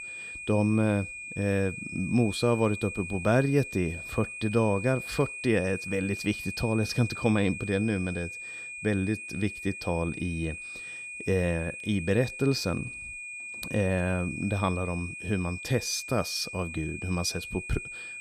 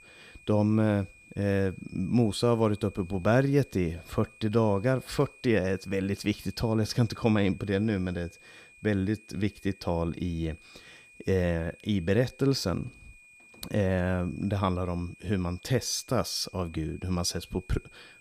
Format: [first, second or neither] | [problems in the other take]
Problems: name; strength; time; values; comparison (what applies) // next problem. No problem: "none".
second | high-pitched whine; loud; throughout; 2.5 kHz, 8 dB below the speech; faint in the second